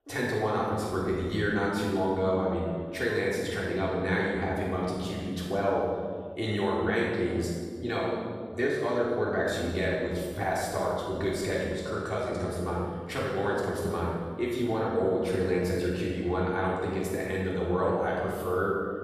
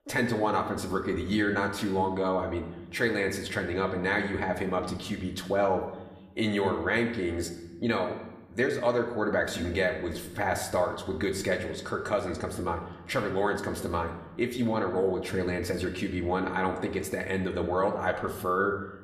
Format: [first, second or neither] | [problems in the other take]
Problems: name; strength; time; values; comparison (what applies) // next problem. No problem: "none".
second | room echo; strong; dies away in 1.6 s; slight in the second // off-mic speech; far; somewhat distant in the second